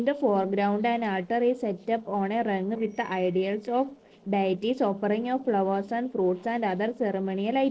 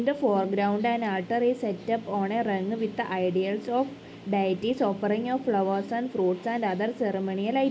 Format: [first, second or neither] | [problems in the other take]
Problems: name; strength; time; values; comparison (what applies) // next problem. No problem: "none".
second | noise reduction (neural separator model SepFormer DNS4)